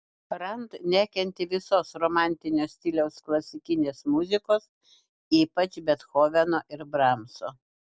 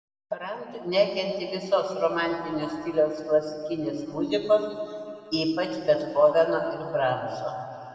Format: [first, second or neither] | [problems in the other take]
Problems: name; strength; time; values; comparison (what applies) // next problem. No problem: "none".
first | room echo; dies away in 2.5 s